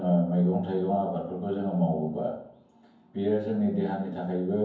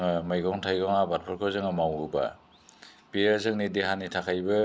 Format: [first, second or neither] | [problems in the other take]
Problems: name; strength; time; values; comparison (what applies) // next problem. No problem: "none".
second | room echo; dies away in 0.9 s